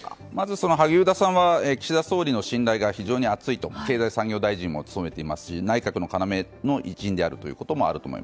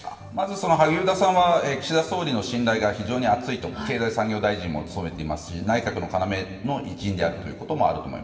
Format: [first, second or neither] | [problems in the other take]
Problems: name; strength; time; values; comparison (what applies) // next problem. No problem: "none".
first | room echo; dies away in 1.4 s